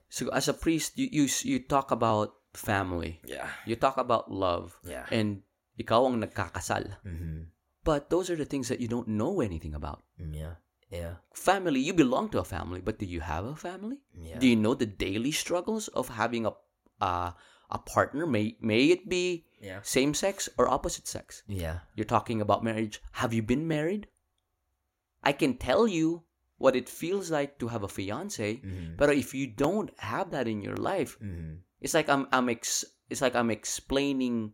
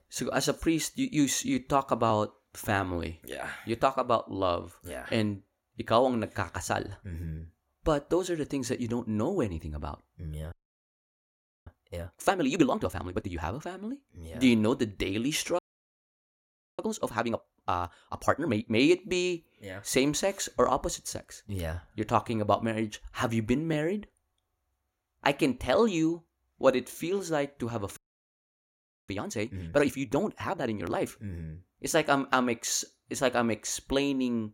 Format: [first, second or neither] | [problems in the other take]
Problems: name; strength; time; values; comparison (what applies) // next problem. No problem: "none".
first | audio freezing; at 11 s for 1 s, at 16 s for 1 s and at 28 s for 1 s